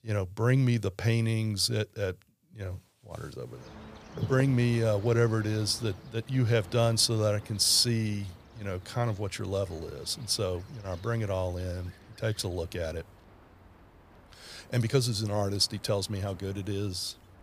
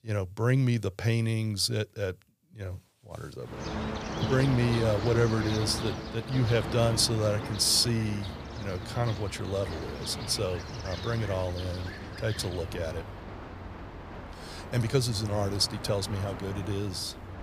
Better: first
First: train or aircraft noise; faint; from 3.5 s on; 20 dB below the speech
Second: train or aircraft noise; loud; from 3.5 s on; 8 dB below the speech

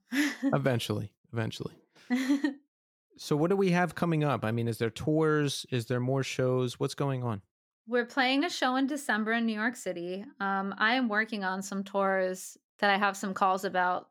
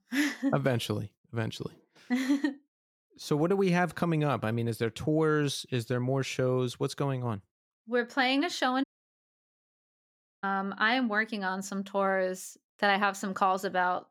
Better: first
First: none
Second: audio cutting out; at 9 s for 1.5 s

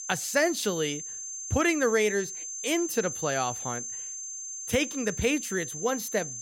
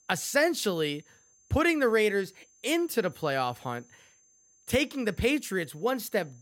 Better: second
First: high-pitched whine; loud; throughout; 6.5 kHz, 6 dB below the speech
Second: high-pitched whine; faint; throughout; 6.5 kHz, 30 dB below the speech

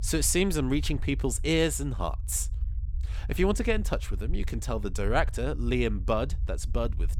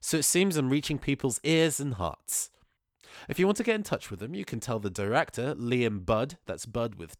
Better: second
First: low rumble; faint; throughout; 25 dB below the speech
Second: none

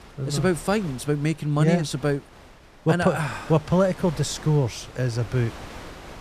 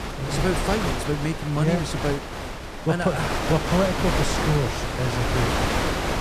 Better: first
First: wind noise on the microphone; occasional gusts; 15 dB below the speech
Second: wind noise on the microphone; heavy; 2 dB above the speech

